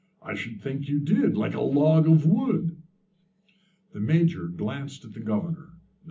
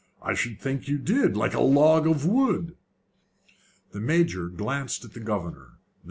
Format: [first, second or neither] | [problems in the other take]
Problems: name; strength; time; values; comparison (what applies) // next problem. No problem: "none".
second | room echo; dies away in 0.4 s